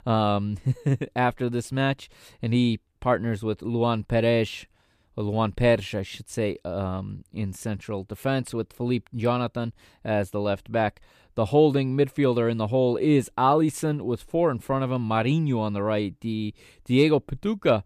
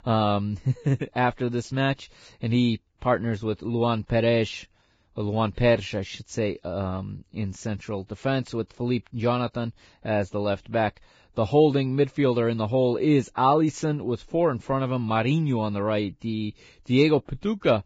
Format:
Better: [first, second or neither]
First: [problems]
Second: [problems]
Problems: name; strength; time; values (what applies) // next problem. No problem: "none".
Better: first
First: none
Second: garbled, watery; badly; nothing above 7.5 kHz